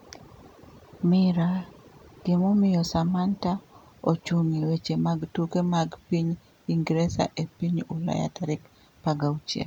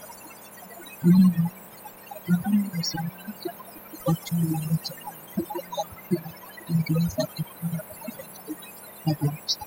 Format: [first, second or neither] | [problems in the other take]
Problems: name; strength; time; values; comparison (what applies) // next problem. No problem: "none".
first | noise reduction (classical method spectral subtraction)